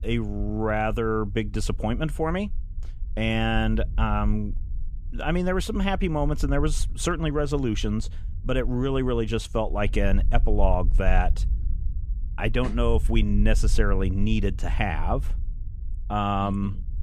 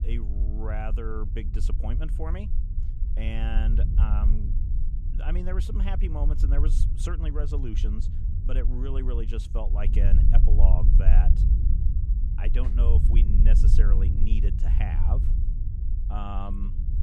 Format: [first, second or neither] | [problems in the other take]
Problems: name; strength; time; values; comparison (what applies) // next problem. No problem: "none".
first | low rumble; loud; throughout; 5 dB below the speech; faint in the first